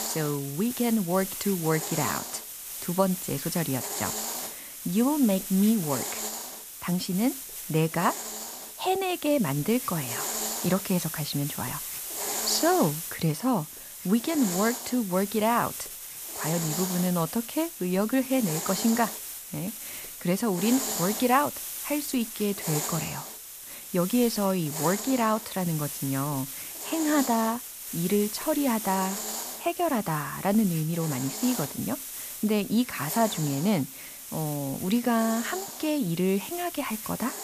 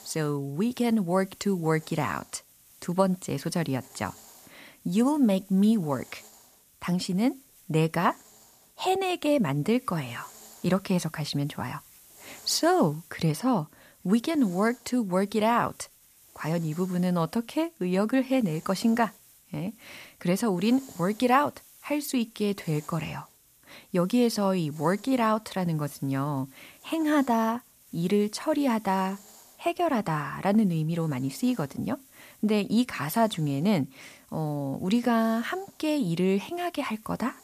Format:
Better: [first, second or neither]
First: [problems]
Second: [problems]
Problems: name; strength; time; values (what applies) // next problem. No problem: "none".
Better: second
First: hiss; loud; throughout; 6 dB below the speech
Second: hiss; faint; throughout; 25 dB below the speech